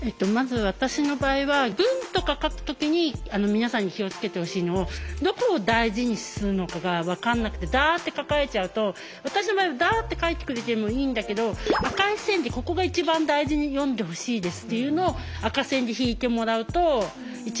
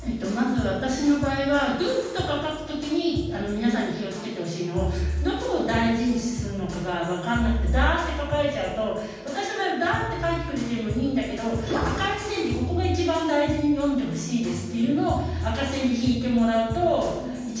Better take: first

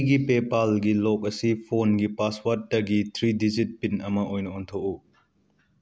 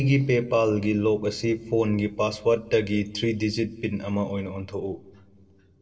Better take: first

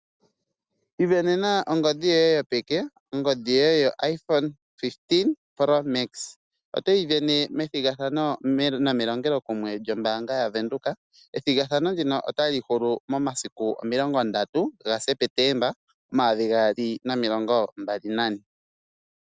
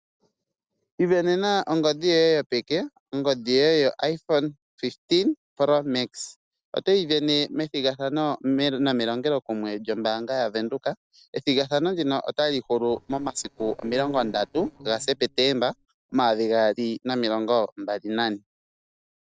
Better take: first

